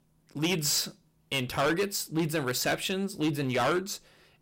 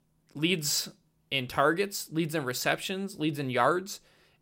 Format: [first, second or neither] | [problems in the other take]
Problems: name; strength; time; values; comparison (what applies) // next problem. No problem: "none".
second | distortion; heavy; 8% of the sound clipped